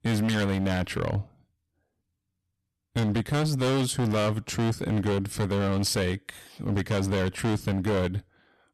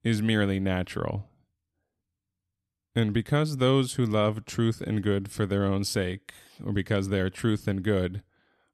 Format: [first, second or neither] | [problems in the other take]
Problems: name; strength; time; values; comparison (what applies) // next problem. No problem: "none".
second | distortion; heavy; 18% of the sound clipped